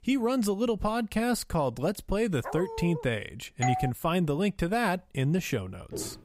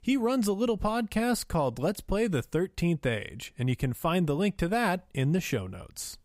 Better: second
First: dog barking; noticeable; at 2.5 s; peak 8 dB below the speech // doorbell; noticeable; at 3.5 s; peak 2 dB below the speech // footsteps; very faint; at 6 s; peak 10 dB below the speech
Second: none

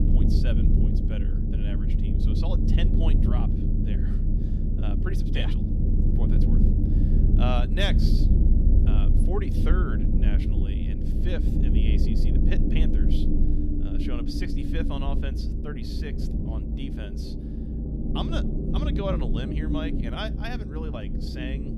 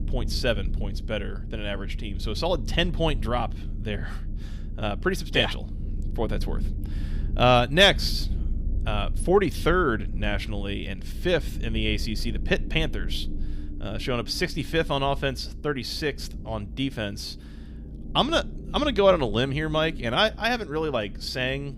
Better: second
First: low rumble; loud; throughout; as loud as the speech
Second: low rumble; faint; throughout; 20 dB below the speech

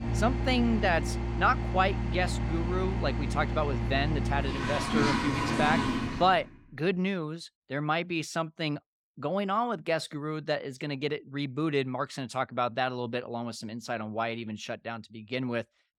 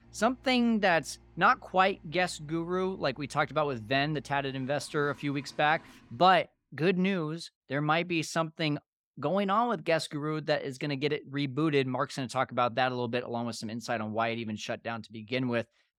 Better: second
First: household noises; loud; until 6 s; as loud as the speech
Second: household noises; faint; until 6 s; 30 dB below the speech

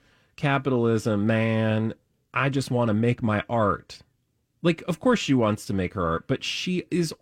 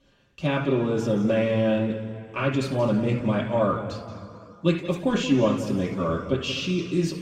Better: first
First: none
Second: room echo; noticeable; dies away in 2 s // off-mic speech; far

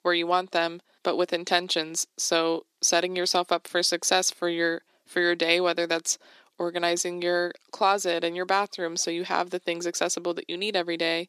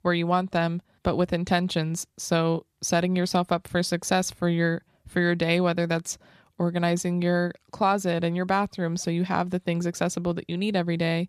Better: second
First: thin; very; fading below 300 Hz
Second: none

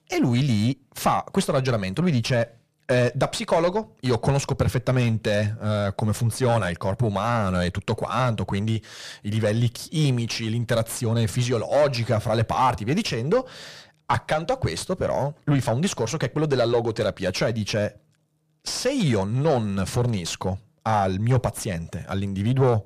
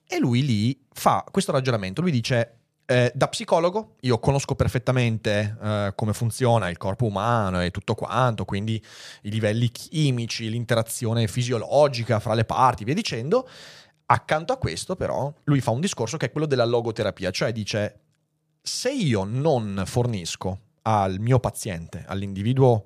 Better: second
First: distortion; slight; 9 dB below the speech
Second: none

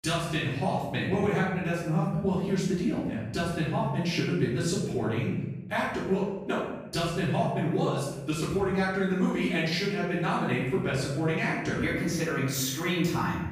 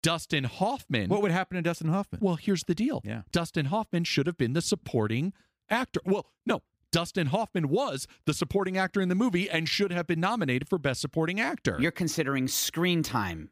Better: second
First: off-mic speech; far // room echo; noticeable; dies away in 0.9 s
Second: none

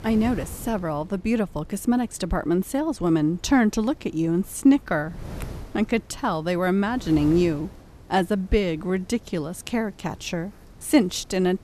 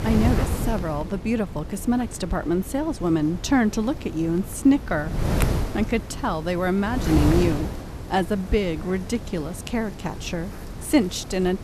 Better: first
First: wind noise on the microphone; occasional gusts; 20 dB below the speech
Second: wind noise on the microphone; heavy; 9 dB below the speech

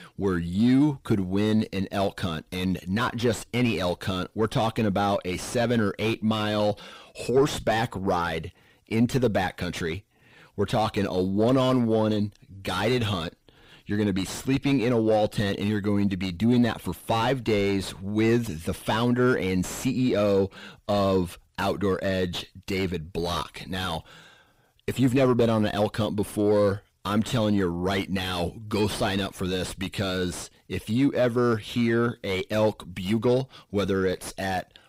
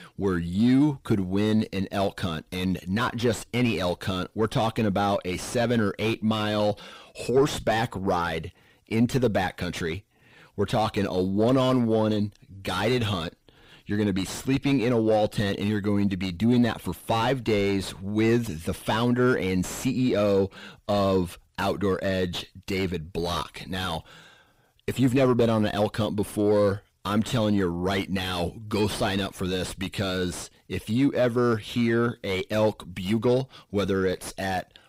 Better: neither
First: distortion; heavy; 7 dB below the speech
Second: distortion; heavy; 7 dB below the speech

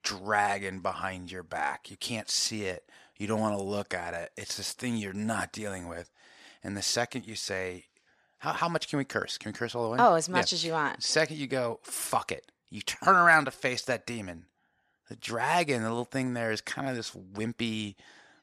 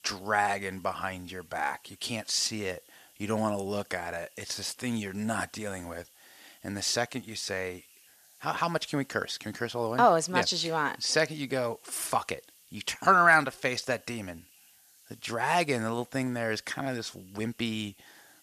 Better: first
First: none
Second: hiss; faint; throughout; 25 dB below the speech

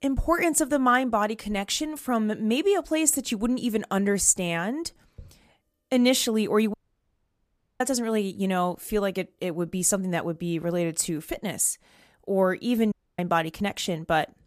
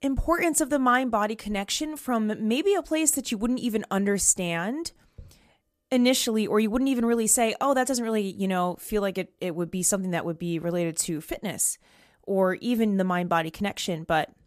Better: second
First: audio cutting out; at 6.5 s for 1 s and at 13 s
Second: none

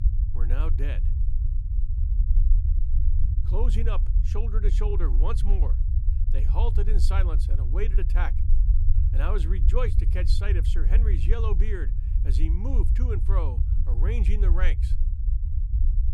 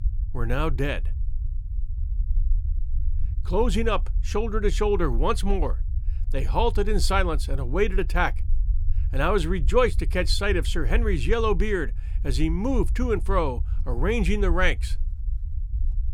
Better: second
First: low rumble; loud; throughout; 8 dB below the speech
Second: low rumble; faint; throughout; 25 dB below the speech

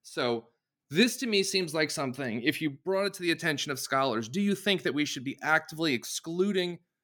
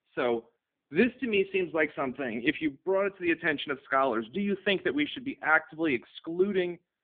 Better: first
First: none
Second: phone-call audio; poor line; nothing above 3.5 kHz

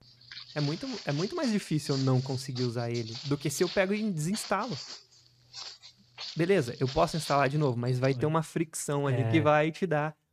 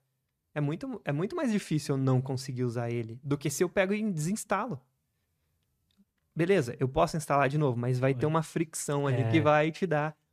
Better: second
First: footsteps; noticeable; until 8 s; peak 9 dB below the speech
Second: none

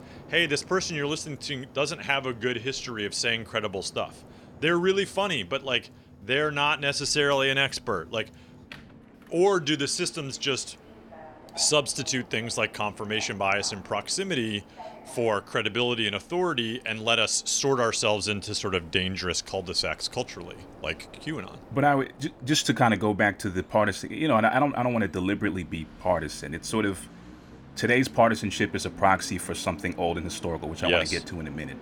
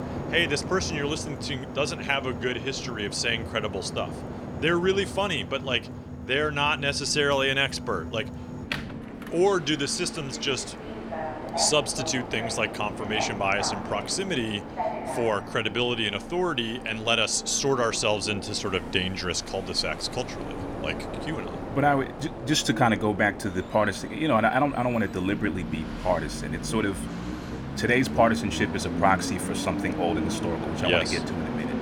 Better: first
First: train or aircraft noise; faint; throughout; 20 dB below the speech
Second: train or aircraft noise; loud; throughout; 8 dB below the speech

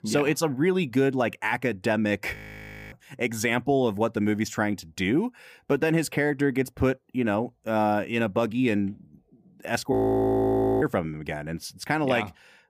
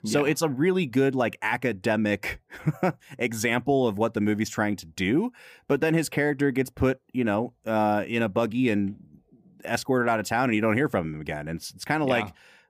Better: second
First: audio freezing; at 2.5 s for 0.5 s and at 10 s for 1 s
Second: none

